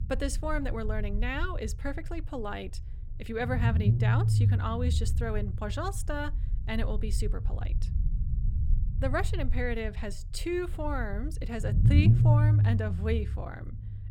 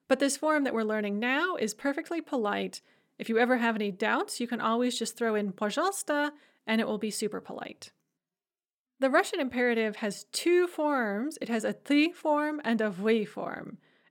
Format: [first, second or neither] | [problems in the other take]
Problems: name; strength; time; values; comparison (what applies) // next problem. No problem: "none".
second | low rumble; loud; throughout; 6 dB below the speech